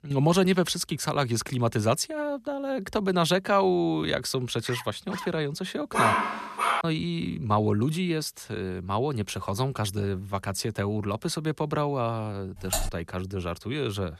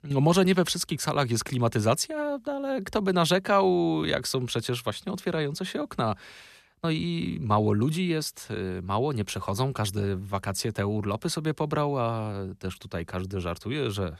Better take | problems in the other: second | dog barking; faint; at 4.5 s; peak 10 dB below the speech // dog barking; loud; at 6 s; peak 4 dB above the speech // keyboard typing; noticeable; at 13 s; peak 2 dB below the speech

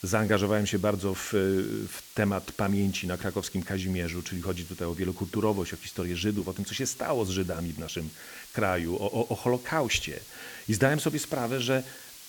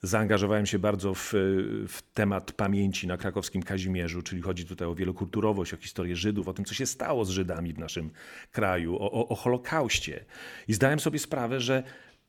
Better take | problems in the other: second | hiss; noticeable; throughout; 15 dB below the speech

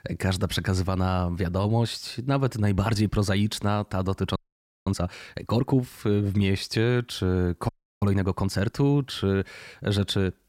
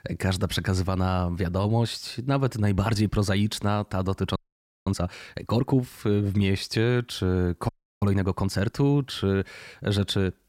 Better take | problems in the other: neither | audio freezing; at 4.5 s for 0.5 s and at 7.5 s; the same in both

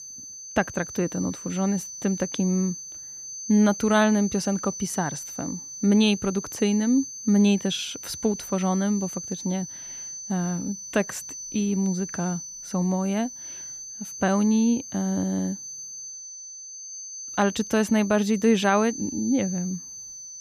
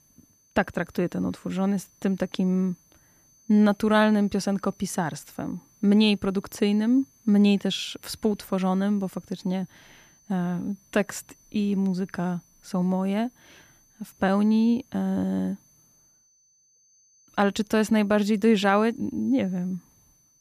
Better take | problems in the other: second | high-pitched whine; loud; throughout; 6 kHz, 10 dB below the speech; faint in the second

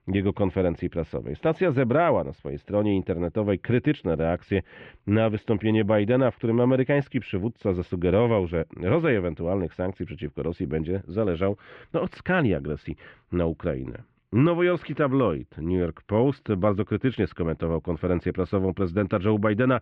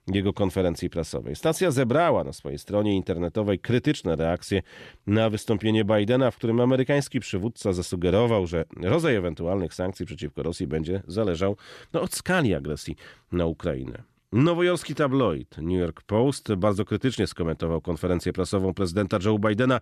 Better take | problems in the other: second | muffled; very; fading above 2.5 kHz

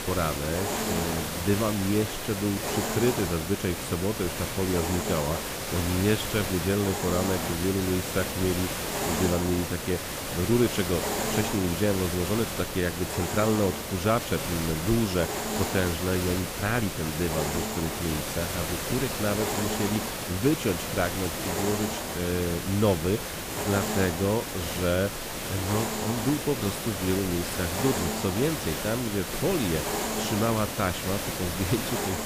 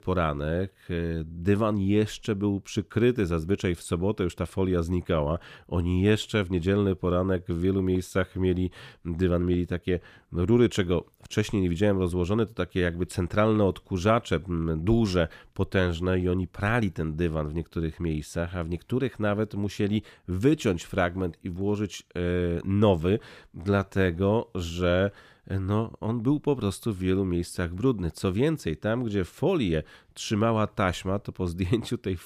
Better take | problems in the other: second | hiss; loud; throughout; 2 dB below the speech

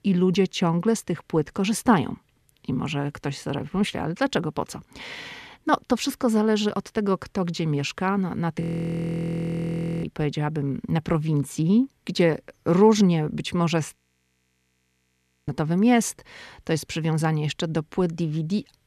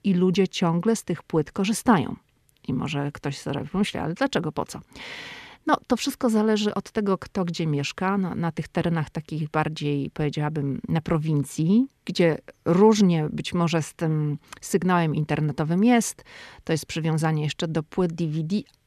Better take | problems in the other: second | audio freezing; at 8.5 s for 1.5 s and at 14 s for 1.5 s

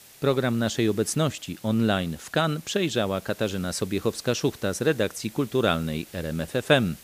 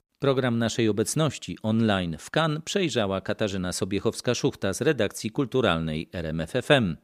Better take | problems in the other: second | hiss; faint; throughout; 20 dB below the speech

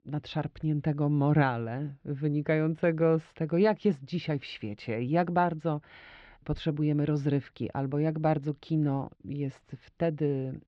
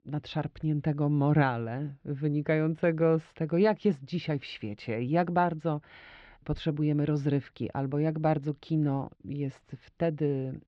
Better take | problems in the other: neither | muffled; slightly; fading above 4 kHz; the same in both

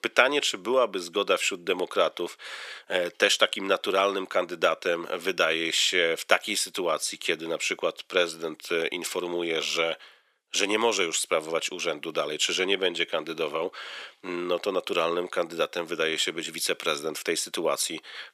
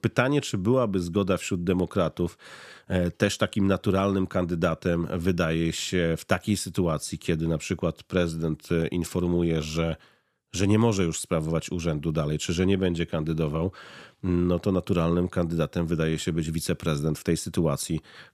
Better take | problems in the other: second | thin; very; fading below 450 Hz

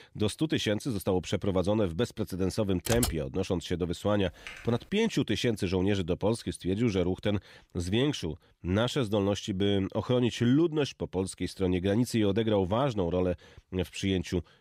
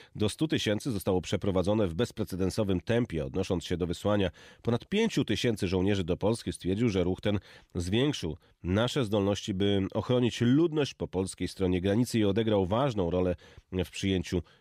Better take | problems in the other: second | keyboard typing; noticeable; at 3 s; peak 2 dB below the speech // keyboard typing; faint; at 4.5 s; peak 15 dB below the speech

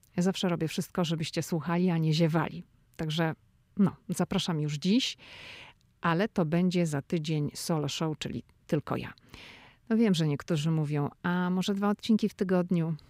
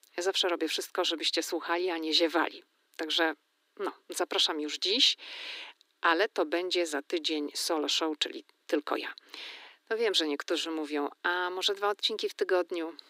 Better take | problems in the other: first | thin; very; fading below 300 Hz

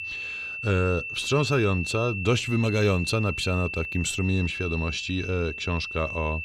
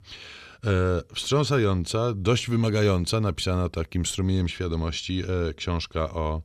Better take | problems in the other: second | high-pitched whine; loud; throughout; 2.5 kHz, 6 dB below the speech

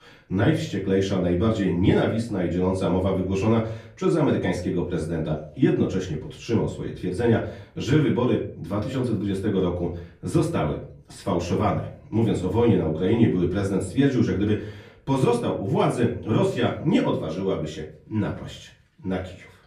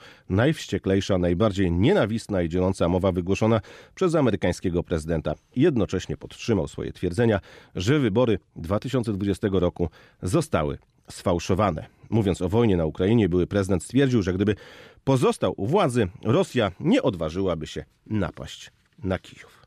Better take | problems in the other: second | room echo; slight; dies away in 0.4 s // off-mic speech; far

